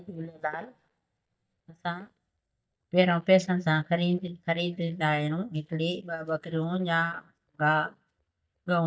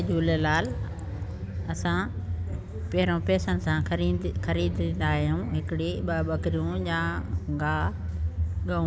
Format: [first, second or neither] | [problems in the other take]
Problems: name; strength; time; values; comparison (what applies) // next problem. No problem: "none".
second | noise reduction (neural mask model DeepFilterNet 3)